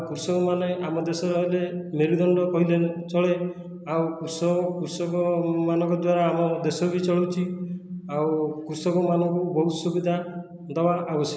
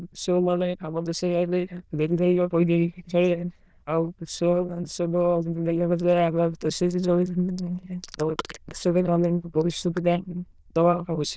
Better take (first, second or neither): first